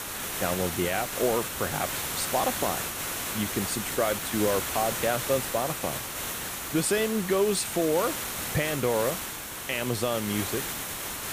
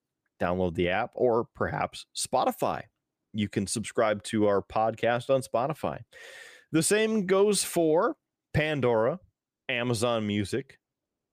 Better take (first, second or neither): second